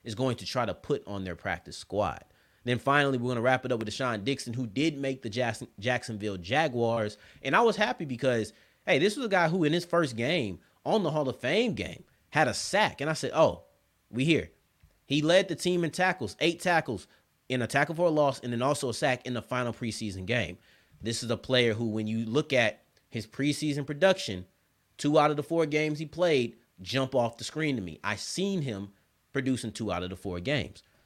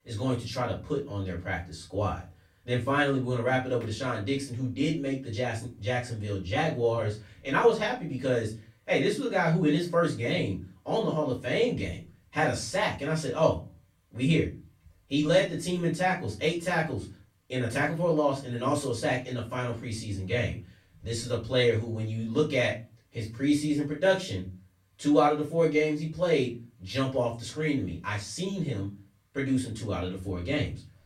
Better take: first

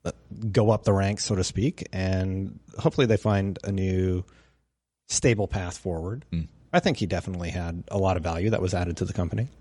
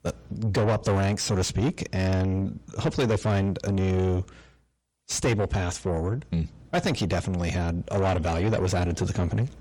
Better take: first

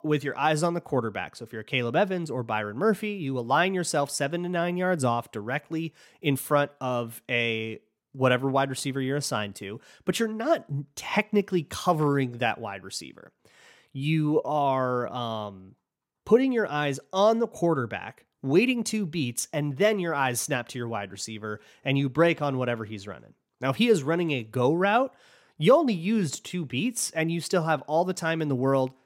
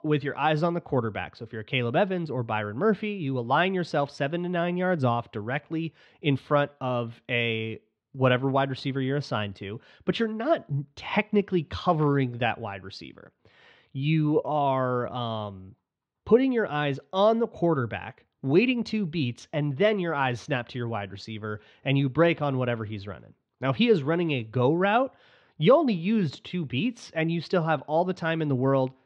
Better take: first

